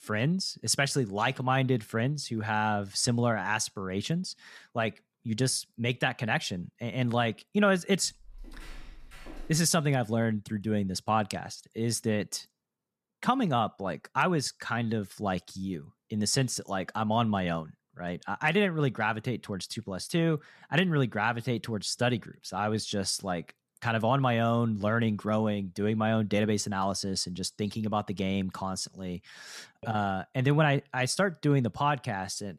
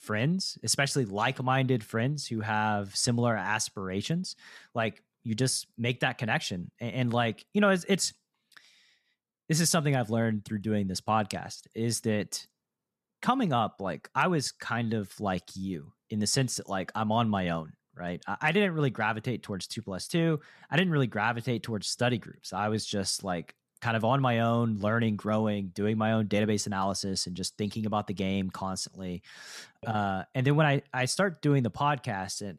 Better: second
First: footsteps; faint; from 8 to 9.5 s; peak 20 dB below the speech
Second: none

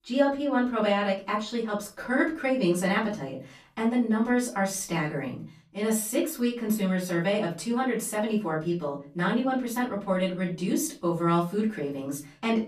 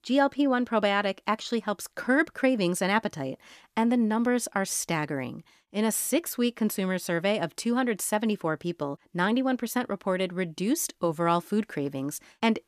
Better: second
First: off-mic speech; far // room echo; slight; dies away in 0.3 s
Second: none

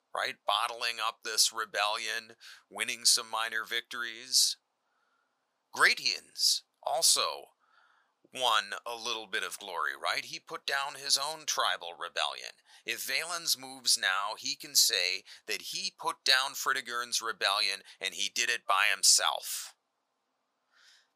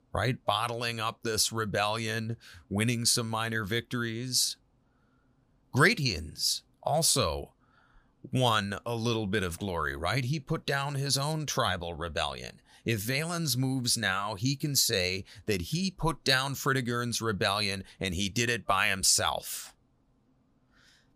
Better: second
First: thin; very; fading below 850 Hz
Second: none

